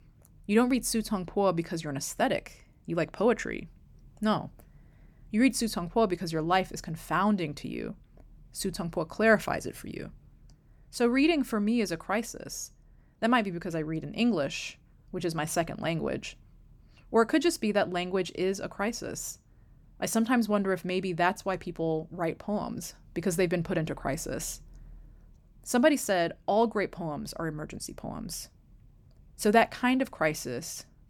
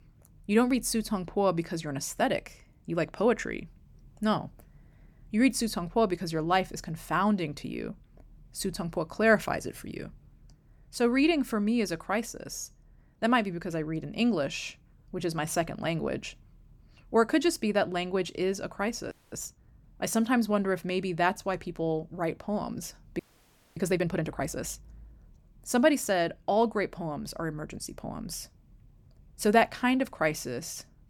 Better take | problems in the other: first | audio freezing; at 19 s and at 23 s for 0.5 s

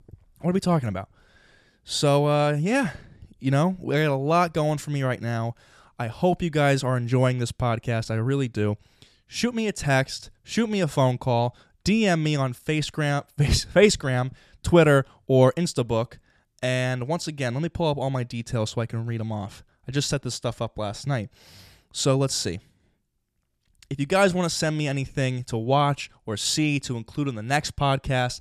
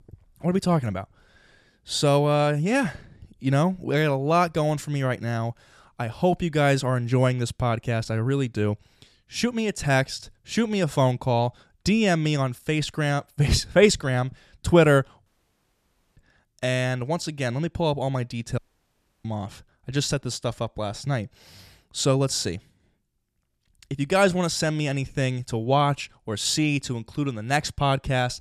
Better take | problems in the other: first | audio cutting out; at 15 s for 1 s and at 19 s for 0.5 s

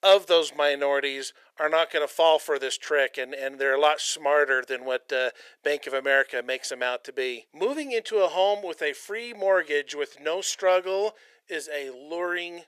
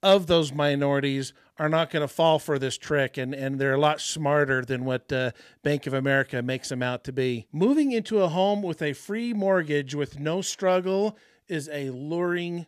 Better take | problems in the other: second | thin; very; fading below 450 Hz

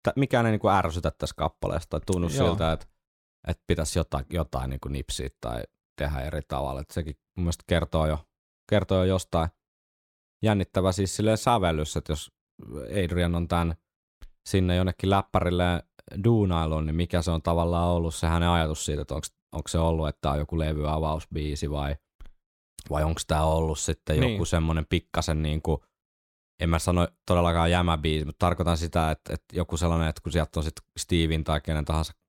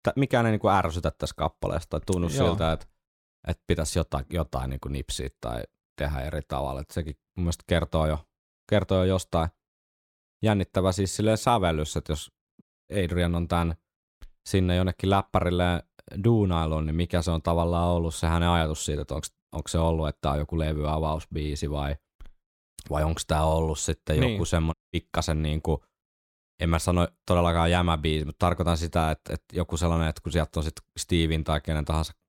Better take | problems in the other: first | audio cutting out; at 13 s and at 25 s

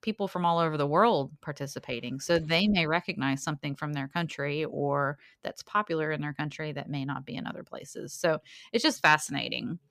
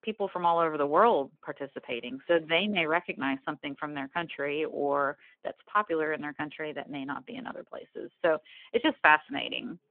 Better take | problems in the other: first | phone-call audio

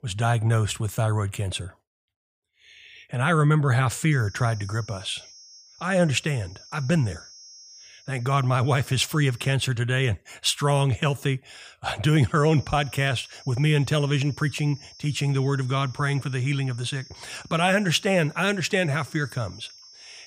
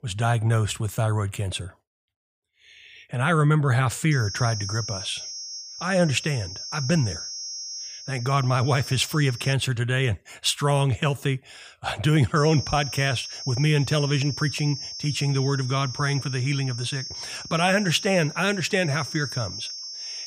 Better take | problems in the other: first | high-pitched whine; loud; from 4 to 9.5 s and from 12 s on; 5.5 kHz, 9 dB below the speech; faint in the first

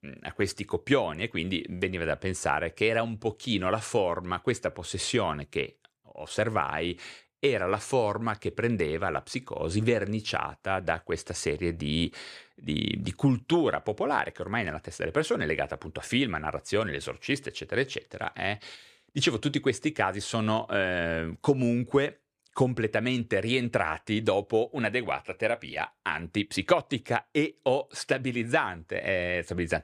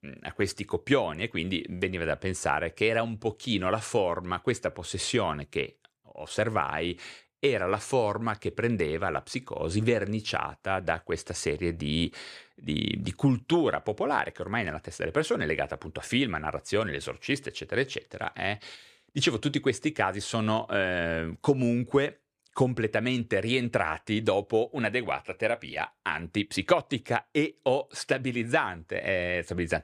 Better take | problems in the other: neither | none

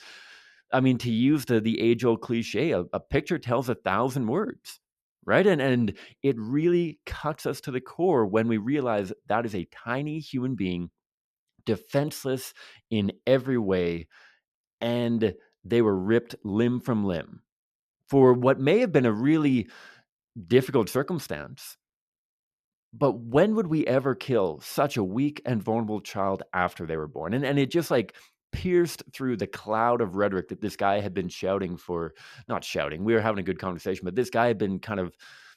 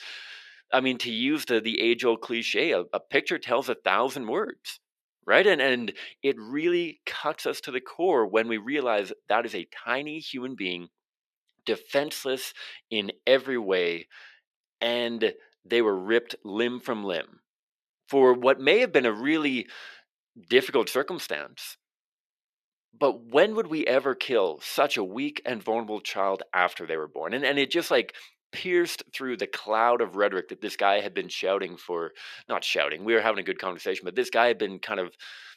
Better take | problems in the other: first | thin; somewhat; fading below 400 Hz

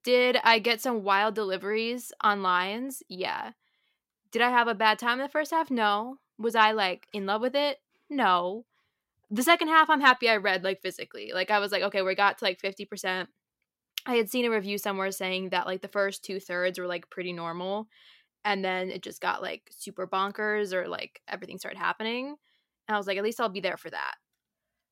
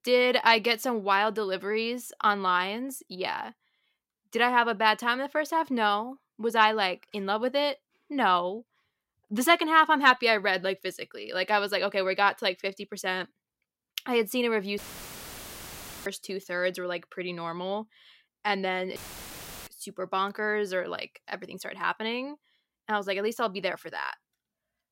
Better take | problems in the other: first | audio cutting out; filled with static; at 15 s for 1.5 s and at 19 s for 0.5 s

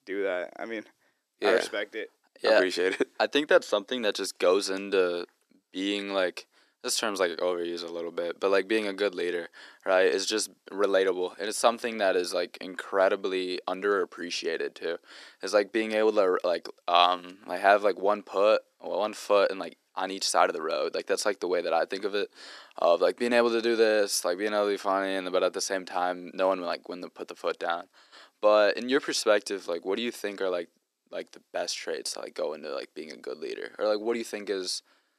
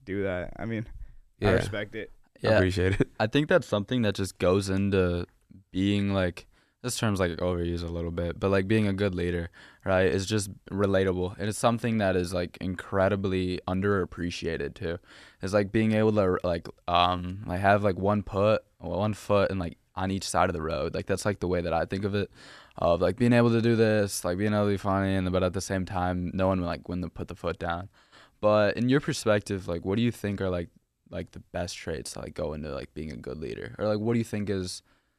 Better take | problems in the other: second | thin; somewhat; fading below 300 Hz

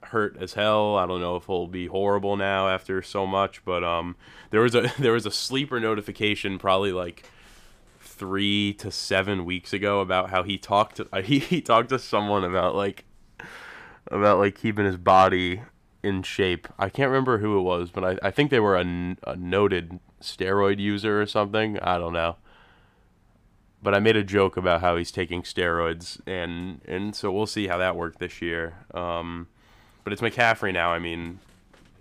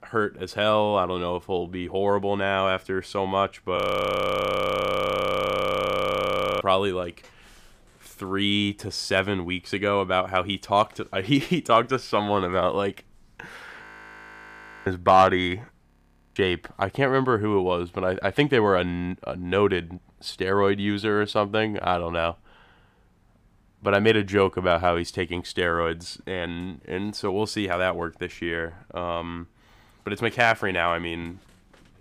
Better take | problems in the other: first | audio freezing; at 4 s for 3 s, at 14 s for 1 s and at 16 s

